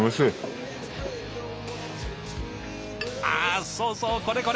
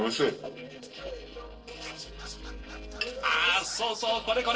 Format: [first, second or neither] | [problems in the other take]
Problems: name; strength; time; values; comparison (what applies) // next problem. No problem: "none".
first | noise reduction (neural separator model SepFormer DNS4)